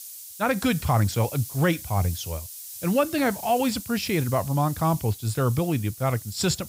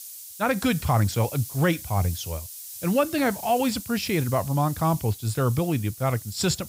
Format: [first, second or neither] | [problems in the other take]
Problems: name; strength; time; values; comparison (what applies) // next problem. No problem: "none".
neither | hiss; noticeable; throughout; 10 dB below the speech; the same in both